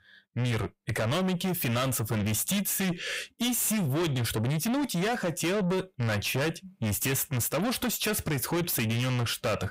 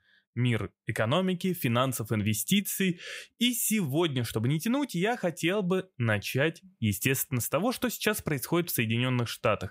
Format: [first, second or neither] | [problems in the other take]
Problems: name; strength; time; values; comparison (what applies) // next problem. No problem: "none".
second | distortion; heavy; 6 dB below the speech